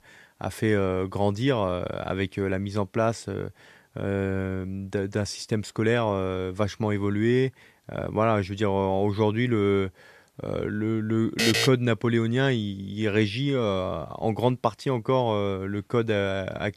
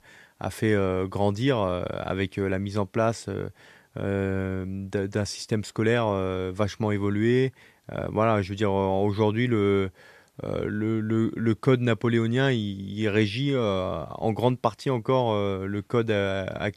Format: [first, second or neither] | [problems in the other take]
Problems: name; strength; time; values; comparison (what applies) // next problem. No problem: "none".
second | alarm; loud; at 11 s; peak 3 dB above the speech